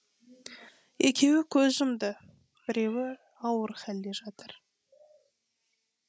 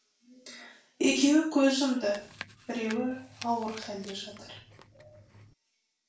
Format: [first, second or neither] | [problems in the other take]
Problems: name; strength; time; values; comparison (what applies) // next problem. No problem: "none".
first | background sound (Chewing, mastication); 18 dB below the speech // room echo; dies away in 0.3 s